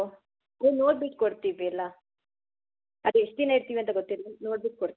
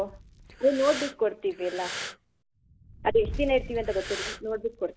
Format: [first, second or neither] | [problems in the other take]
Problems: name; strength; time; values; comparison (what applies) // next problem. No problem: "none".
first | background sound (Breathing + Fire); 10 dB below the speech